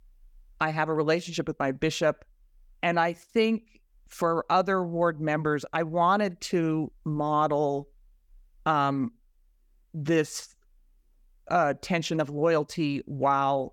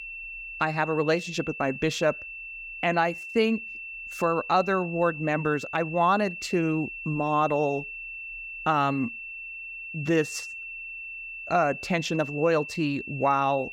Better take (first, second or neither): first